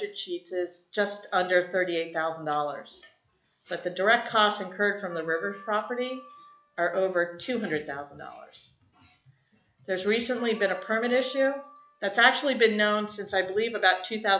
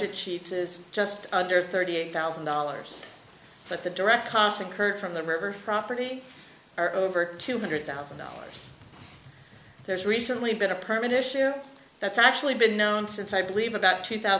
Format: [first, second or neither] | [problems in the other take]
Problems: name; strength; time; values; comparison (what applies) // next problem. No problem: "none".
second | noise reduction (classical method log-MMSE)